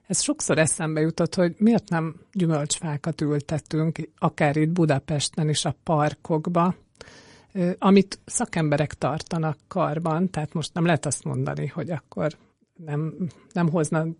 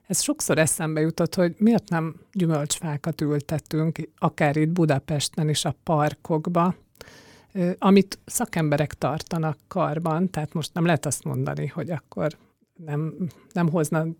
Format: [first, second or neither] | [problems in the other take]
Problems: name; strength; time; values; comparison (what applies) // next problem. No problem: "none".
second | garbled, watery; slightly; nothing above 10.5 kHz